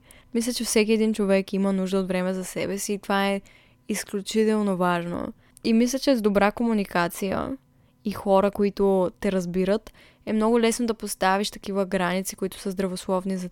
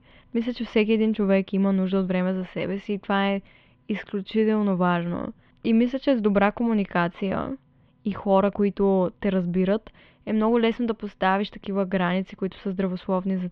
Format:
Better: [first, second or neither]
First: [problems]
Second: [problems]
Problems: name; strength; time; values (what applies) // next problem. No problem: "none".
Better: first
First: none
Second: muffled; very; fading above 3.5 kHz